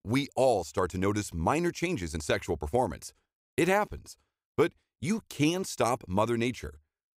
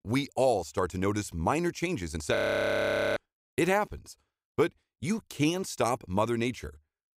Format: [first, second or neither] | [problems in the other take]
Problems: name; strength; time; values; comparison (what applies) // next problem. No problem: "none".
first | audio freezing; at 2.5 s for 1 s